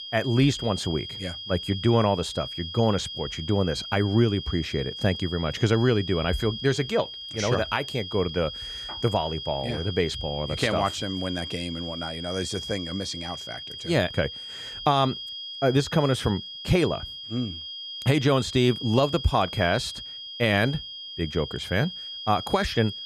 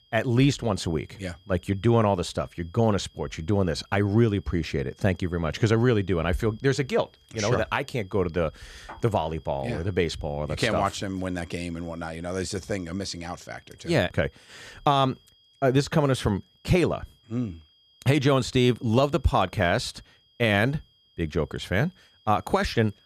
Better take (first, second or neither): second